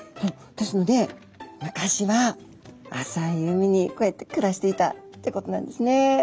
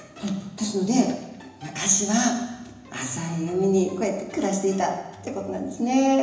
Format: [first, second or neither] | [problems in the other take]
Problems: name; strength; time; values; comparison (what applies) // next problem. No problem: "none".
first | room echo; dies away in 1 s